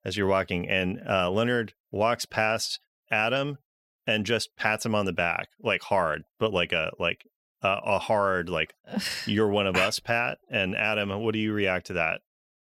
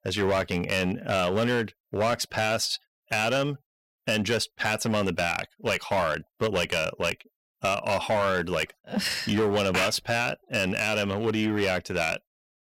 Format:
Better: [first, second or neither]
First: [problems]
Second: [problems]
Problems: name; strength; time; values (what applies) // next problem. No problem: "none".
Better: first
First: none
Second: distortion; heavy; 9% of the sound clipped